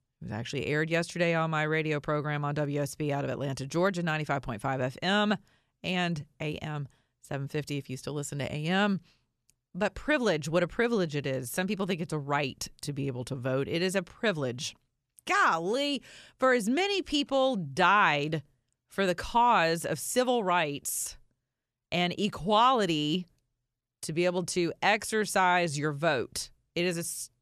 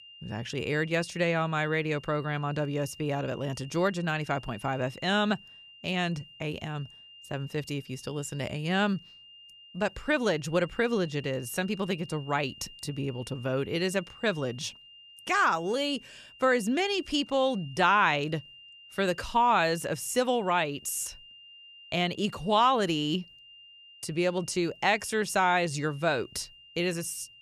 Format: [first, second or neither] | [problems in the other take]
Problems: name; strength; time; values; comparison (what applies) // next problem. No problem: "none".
first | high-pitched whine; noticeable; throughout; 3 kHz, 20 dB below the speech